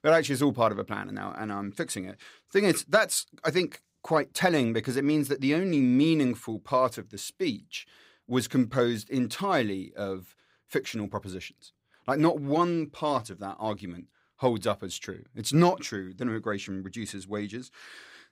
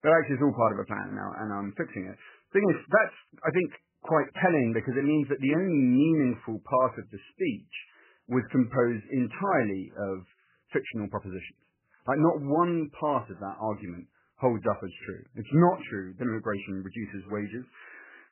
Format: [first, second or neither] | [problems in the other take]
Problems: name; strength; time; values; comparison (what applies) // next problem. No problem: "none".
first | garbled, watery; badly; nothing above 3 kHz